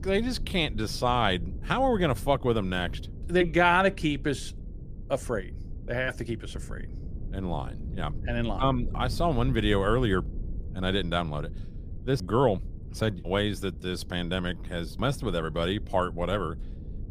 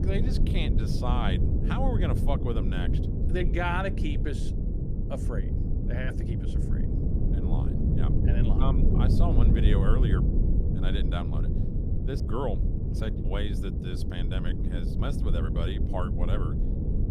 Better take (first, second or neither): first